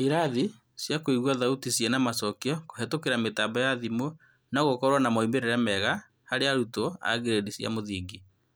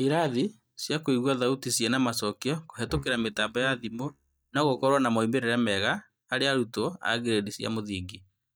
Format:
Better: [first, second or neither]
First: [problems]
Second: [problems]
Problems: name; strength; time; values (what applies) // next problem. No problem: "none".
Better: first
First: none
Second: noise reduction (neural mask model DeepFilterNet 3)